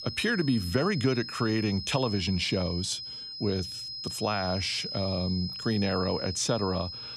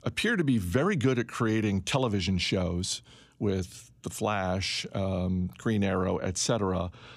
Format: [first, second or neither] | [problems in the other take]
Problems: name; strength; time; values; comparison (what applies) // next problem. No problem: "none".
second | high-pitched whine; loud; throughout; 5 kHz, 7 dB below the speech